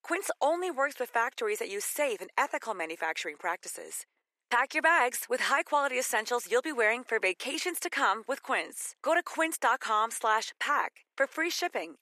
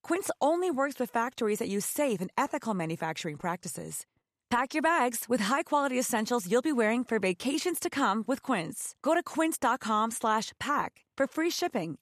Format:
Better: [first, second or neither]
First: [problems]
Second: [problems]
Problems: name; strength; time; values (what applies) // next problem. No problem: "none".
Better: second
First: thin; very; fading below 400 Hz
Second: none